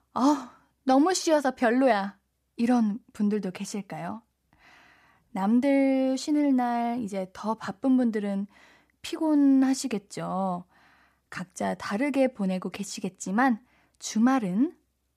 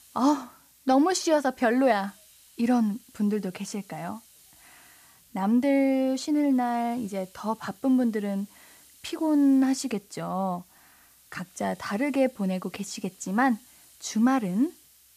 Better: first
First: none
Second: hiss; faint; throughout; 25 dB below the speech

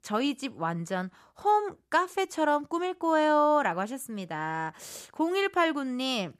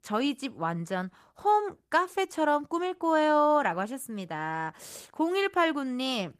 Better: first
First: none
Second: garbled, watery; slightly; nothing above 14.5 kHz

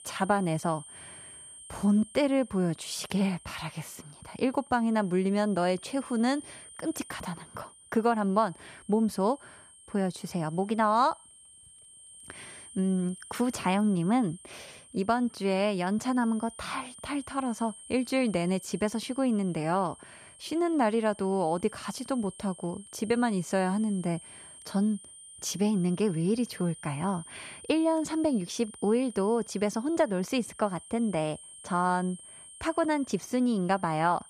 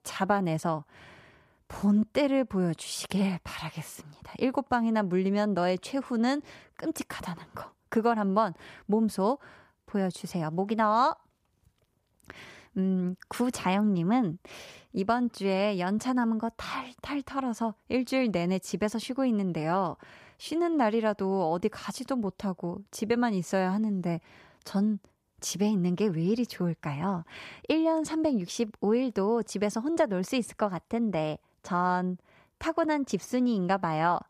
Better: second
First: high-pitched whine; noticeable; throughout; 9 kHz, 20 dB below the speech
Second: none

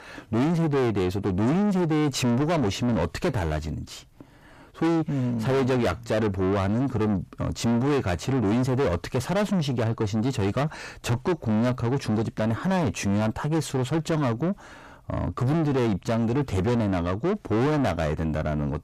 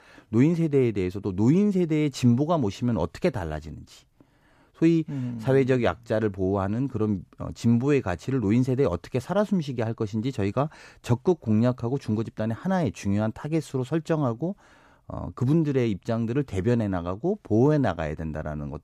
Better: second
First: distortion; heavy; 6 dB below the speech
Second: none

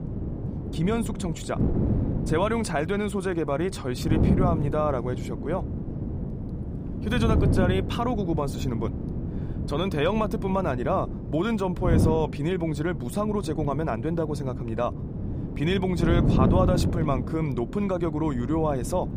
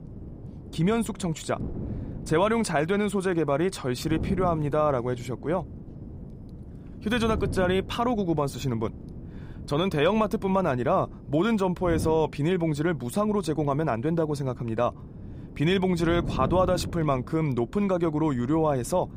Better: second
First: wind noise on the microphone; heavy; 8 dB below the speech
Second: wind noise on the microphone; occasional gusts; 20 dB below the speech

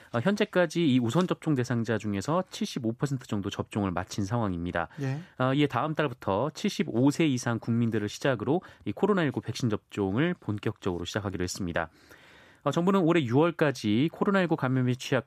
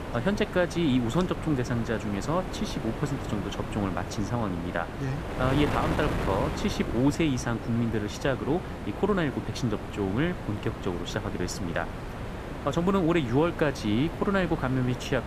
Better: first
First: none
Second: wind noise on the microphone; heavy; 7 dB below the speech

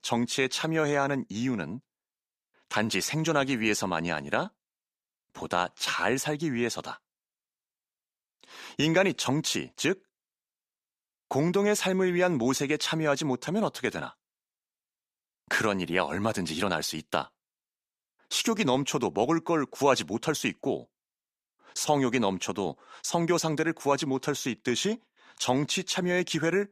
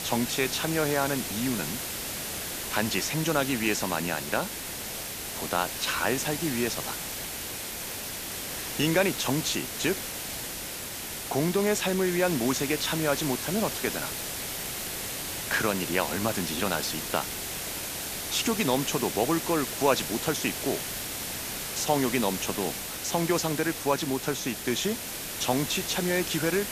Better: first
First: none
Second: hiss; loud; throughout; 4 dB below the speech

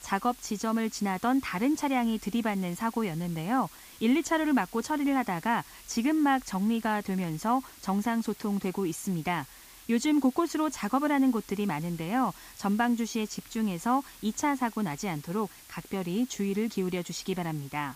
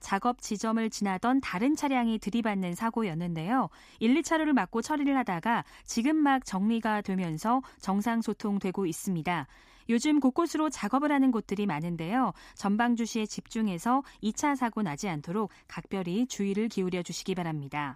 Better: second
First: hiss; noticeable; throughout; 20 dB below the speech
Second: none

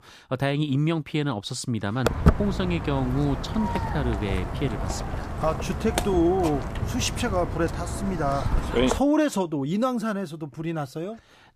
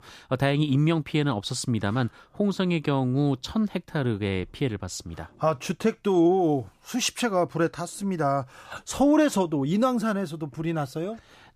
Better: second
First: footsteps; loud; from 2 to 9 s; peak 5 dB above the speech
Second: none

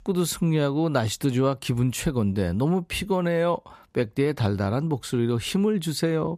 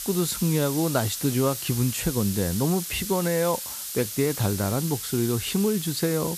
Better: first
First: none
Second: hiss; loud; throughout; 5 dB below the speech

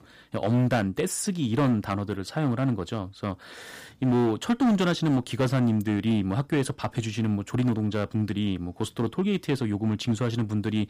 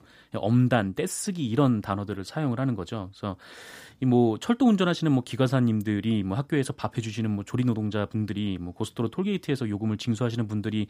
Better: second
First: distortion; slight; 7% of the sound clipped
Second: none

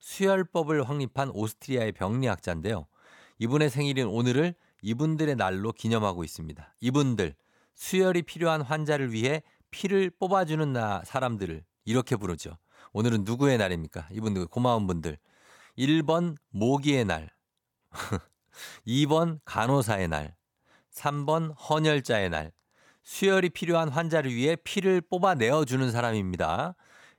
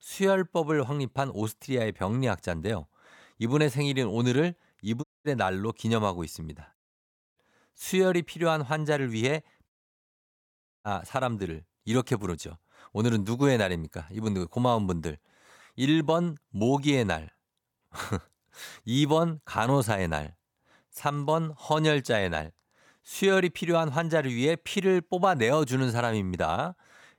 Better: first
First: none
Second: audio cutting out; at 5 s, at 7 s for 0.5 s and at 9.5 s for 1 s

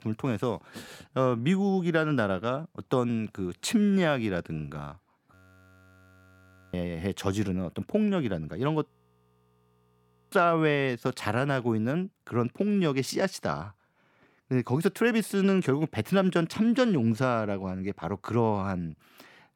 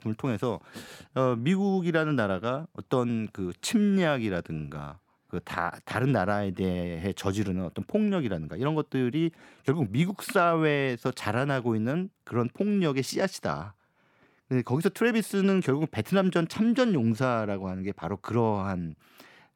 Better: second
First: audio freezing; at 5.5 s for 1.5 s and at 9 s for 1.5 s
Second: none

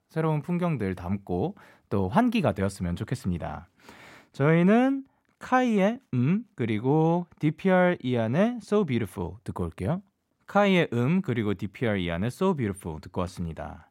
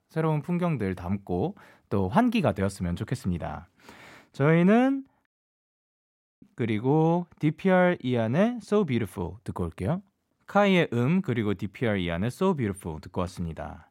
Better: first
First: none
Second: audio cutting out; at 5.5 s for 1 s

